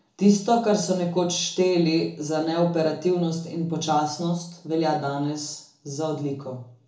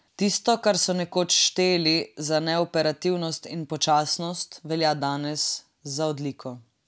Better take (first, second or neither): second